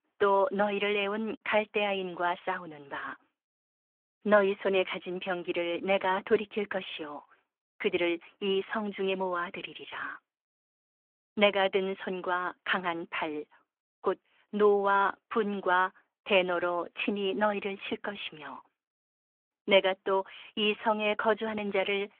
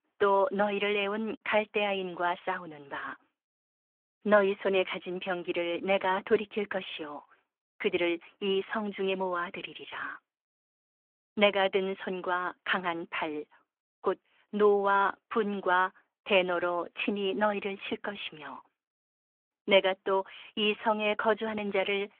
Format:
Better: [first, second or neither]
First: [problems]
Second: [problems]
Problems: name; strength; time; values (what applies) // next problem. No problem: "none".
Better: neither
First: phone-call audio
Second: phone-call audio